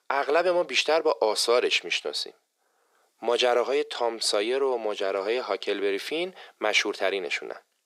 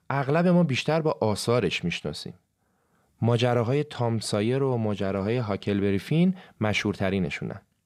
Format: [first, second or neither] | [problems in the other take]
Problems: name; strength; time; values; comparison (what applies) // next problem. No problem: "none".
second | thin; very; fading below 350 Hz